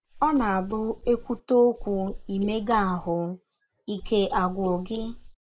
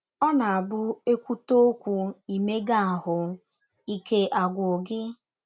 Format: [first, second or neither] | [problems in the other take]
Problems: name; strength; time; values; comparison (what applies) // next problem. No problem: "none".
second | noise reduction (neural mask model Resemble Enhance denoiser)